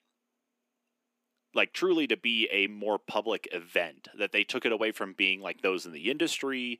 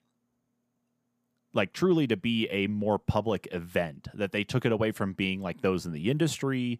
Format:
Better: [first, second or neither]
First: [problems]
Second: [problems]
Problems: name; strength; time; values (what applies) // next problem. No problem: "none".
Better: second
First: thin; somewhat; fading below 300 Hz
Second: none